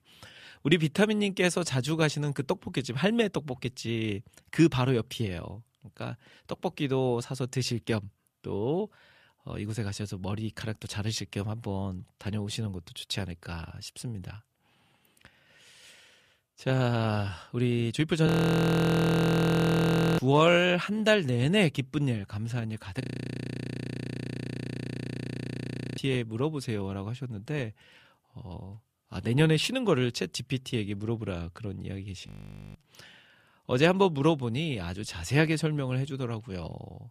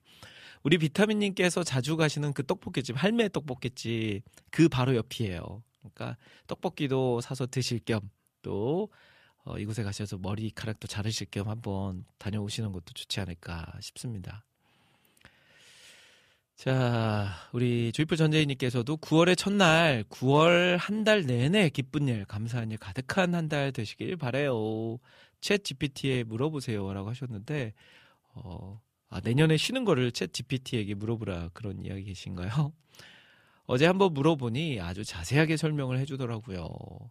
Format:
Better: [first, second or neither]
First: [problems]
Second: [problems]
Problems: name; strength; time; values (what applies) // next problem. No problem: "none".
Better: second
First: audio freezing; at 18 s for 2 s, at 23 s for 3 s and at 32 s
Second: none